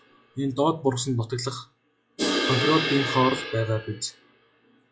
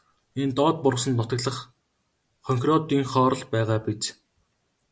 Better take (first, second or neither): second